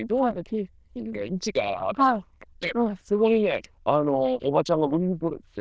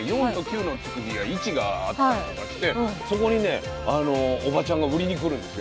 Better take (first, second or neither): second